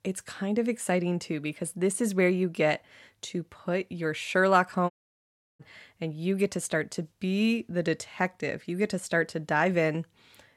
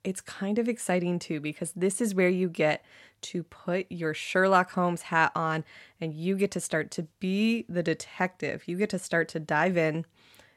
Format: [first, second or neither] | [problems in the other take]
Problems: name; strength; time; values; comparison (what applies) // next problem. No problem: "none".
second | audio cutting out; at 5 s for 0.5 s